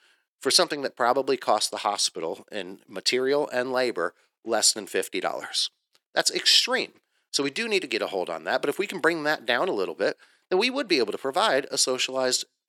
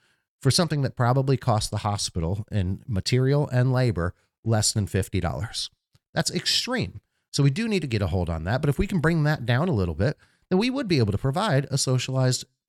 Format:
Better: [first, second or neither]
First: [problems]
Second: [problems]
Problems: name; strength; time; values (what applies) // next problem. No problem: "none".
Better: second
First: thin; very; fading below 300 Hz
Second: none